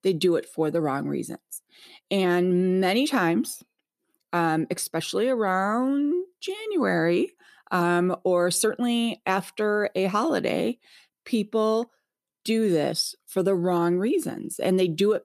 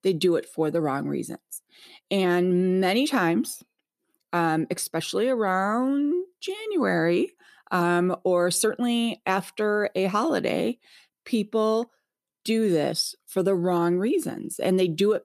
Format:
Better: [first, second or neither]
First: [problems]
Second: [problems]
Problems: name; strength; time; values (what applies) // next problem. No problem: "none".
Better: neither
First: none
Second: none